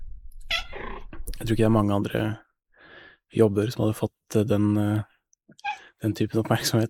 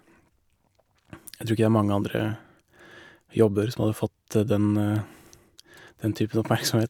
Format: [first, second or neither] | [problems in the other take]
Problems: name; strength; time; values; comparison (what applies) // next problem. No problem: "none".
second | noise reduction (neural mask model Resemble Enhance denoiser)